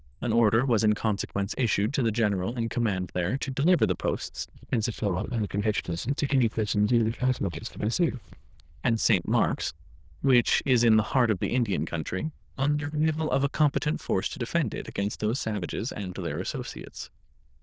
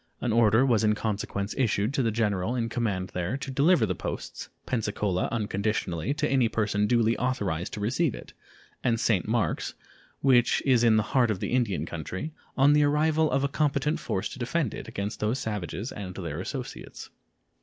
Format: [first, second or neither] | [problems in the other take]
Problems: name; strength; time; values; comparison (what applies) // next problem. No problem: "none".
second | noise reduction (neural diffusion model UNIVERSE++)